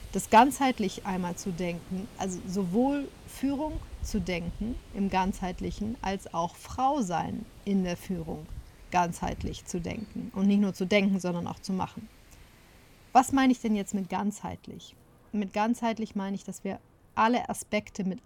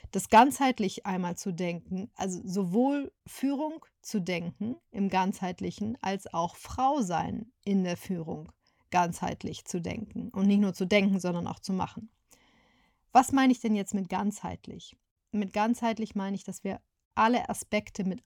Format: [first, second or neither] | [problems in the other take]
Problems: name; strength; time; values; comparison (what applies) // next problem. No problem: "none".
second | wind in the background; noticeable; throughout; 20 dB below the speech